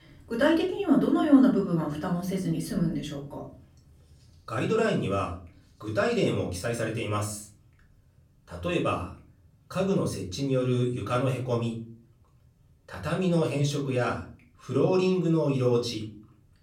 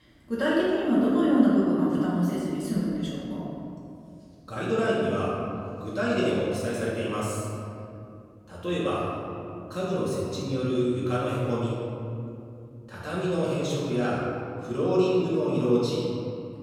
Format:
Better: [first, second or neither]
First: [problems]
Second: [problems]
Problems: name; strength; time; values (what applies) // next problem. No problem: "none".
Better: first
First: room echo; slight; dies away in 0.4 s // off-mic speech; far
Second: room echo; strong; dies away in 2.4 s // off-mic speech; far